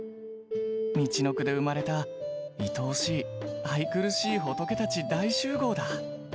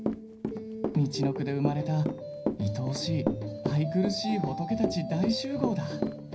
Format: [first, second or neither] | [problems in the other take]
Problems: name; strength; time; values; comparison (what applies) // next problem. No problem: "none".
first | background sound (Walk, footsteps / Run); 6 dB below the speech // room echo; dies away in 0.5 s